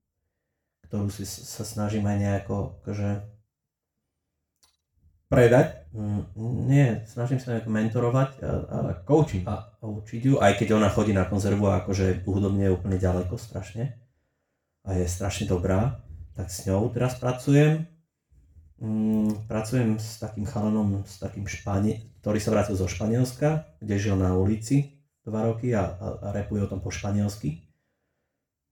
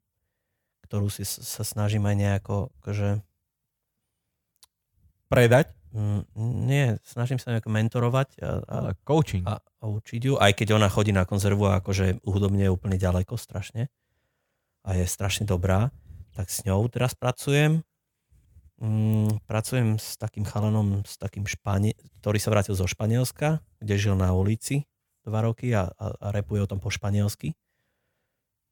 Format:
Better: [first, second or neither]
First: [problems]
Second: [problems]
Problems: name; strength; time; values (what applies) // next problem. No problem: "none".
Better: second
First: room echo; slight; dies away in 0.4 s // off-mic speech; far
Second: none